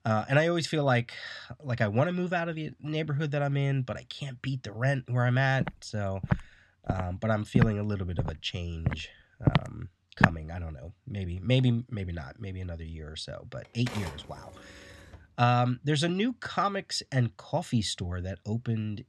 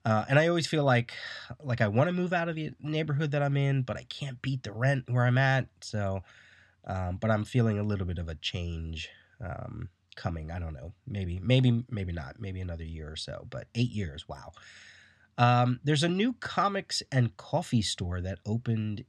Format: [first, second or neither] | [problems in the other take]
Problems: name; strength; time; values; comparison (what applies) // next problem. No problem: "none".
second | footsteps; loud; from 5.5 to 10 s; peak 5 dB above the speech // keyboard typing; noticeable; from 14 to 15 s; peak 9 dB below the speech